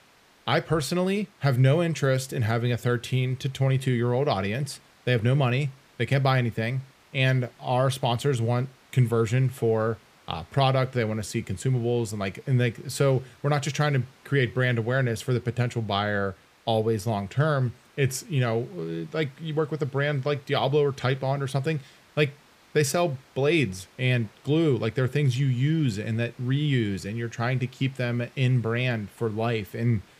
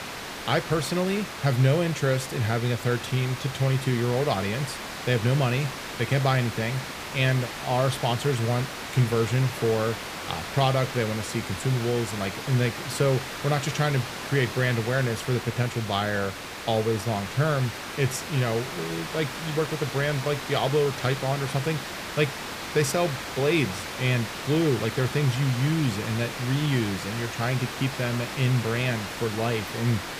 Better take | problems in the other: first | hiss; loud; throughout; 7 dB below the speech; faint in the first

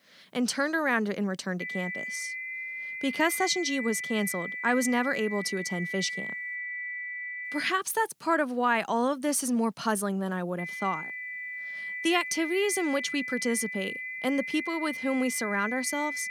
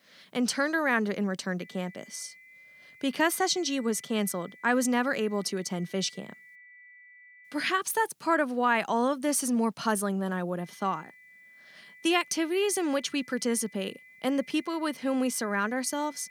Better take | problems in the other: second | high-pitched whine; loud; from 1.5 to 7.5 s and from 11 s on; 2 kHz, 5 dB below the speech; faint in the second

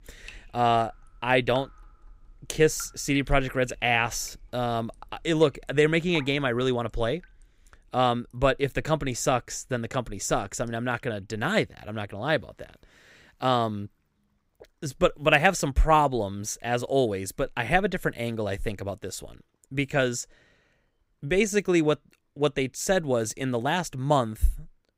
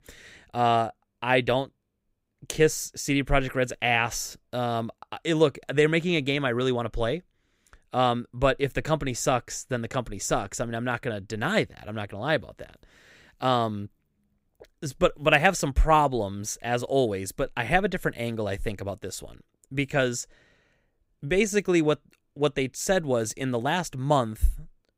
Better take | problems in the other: second | rain or running water; faint; throughout; 25 dB below the speech

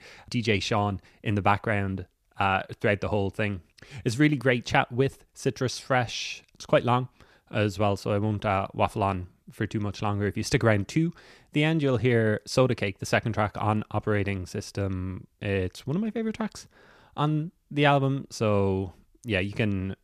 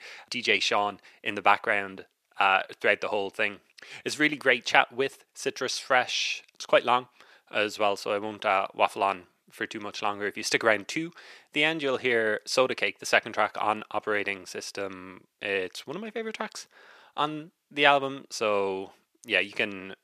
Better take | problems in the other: first | thin; somewhat; fading below 450 Hz

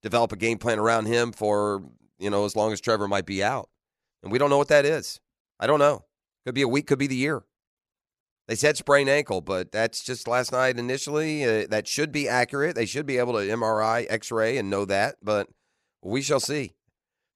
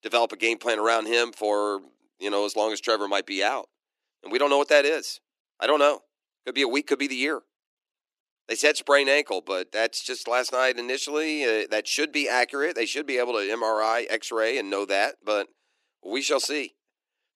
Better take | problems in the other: first | thin; very slightly; fading below 300 Hz

